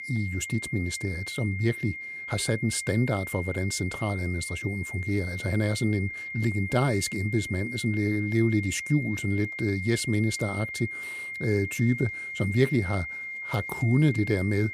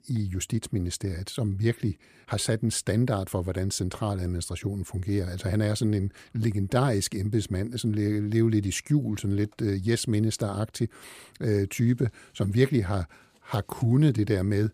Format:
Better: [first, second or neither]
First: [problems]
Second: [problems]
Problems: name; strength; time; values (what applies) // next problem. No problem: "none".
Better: second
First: high-pitched whine; loud; throughout; 2 kHz, 6 dB below the speech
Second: none